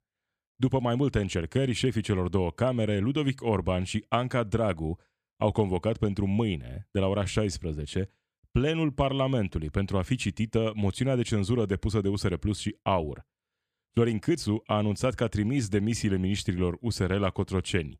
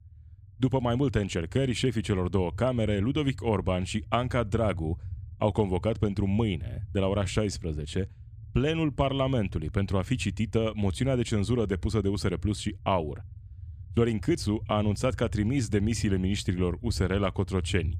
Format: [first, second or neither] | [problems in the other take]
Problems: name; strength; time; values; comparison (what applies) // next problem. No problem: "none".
first | low rumble; faint; throughout; 25 dB below the speech